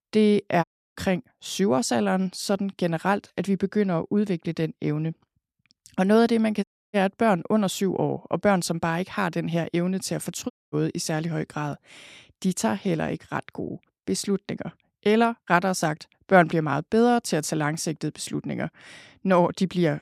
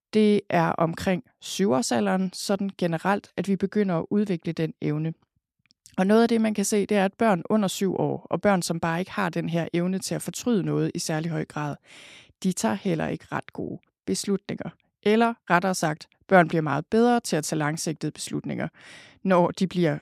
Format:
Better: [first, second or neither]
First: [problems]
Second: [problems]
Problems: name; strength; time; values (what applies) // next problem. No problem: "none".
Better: second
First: audio cutting out; at 0.5 s, at 6.5 s and at 11 s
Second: none